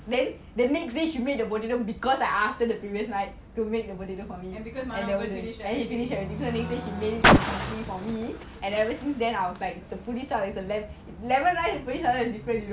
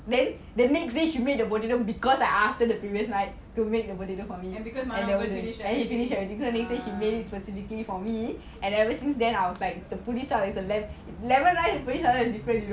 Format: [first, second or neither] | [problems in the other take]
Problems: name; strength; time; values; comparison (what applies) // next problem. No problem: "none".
second | background sound (Car); 4 dB below the speech